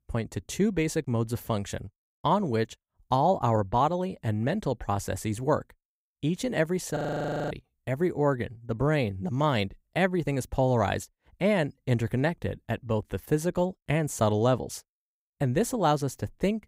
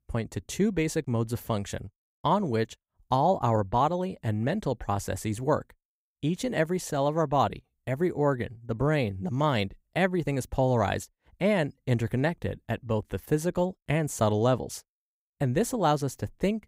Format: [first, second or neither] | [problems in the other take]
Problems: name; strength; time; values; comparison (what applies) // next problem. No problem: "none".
second | audio freezing; at 7 s for 0.5 s